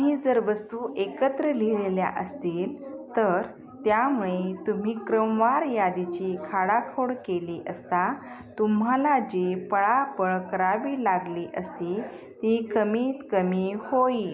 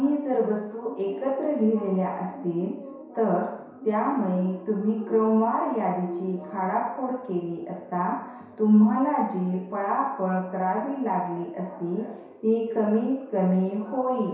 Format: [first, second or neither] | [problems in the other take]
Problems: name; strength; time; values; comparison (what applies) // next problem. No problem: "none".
first | room echo; dies away in 0.7 s